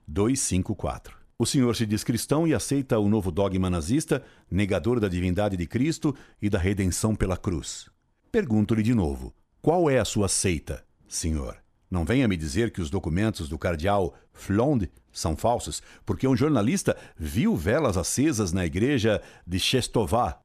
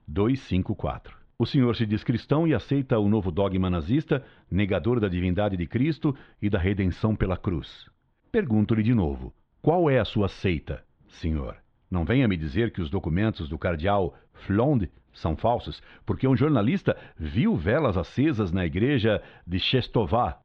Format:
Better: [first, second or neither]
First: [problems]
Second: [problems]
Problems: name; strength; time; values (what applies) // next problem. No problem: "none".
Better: first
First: none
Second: muffled; very; fading above 3.5 kHz